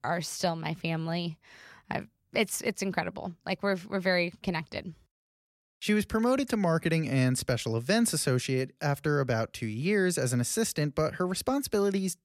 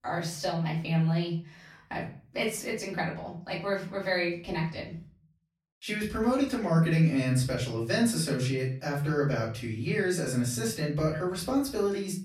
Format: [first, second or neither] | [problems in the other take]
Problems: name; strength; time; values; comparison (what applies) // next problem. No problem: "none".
first | off-mic speech; far // room echo; slight; dies away in 0.4 s